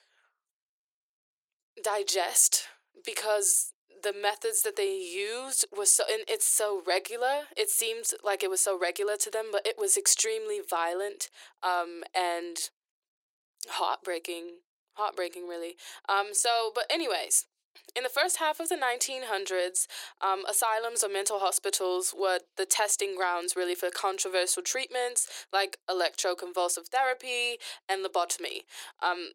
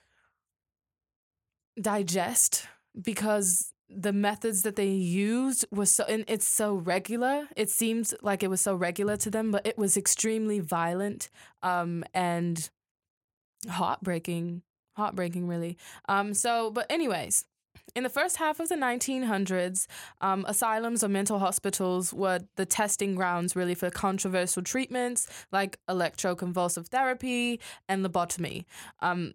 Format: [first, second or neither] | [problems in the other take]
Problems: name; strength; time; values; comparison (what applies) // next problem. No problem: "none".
second | thin; very; fading below 350 Hz